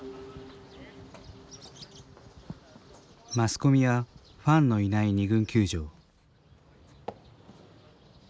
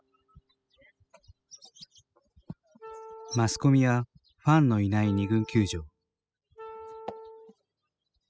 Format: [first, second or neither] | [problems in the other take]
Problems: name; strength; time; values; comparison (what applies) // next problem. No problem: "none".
first | noise reduction (classical method spectral subtraction)